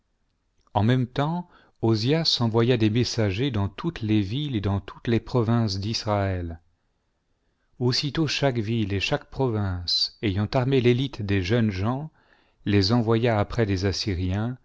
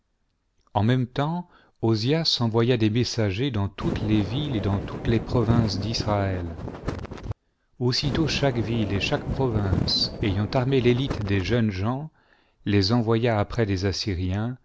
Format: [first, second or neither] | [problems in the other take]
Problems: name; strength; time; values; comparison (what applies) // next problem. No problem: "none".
first | background sound (Wind); 6 dB below the speech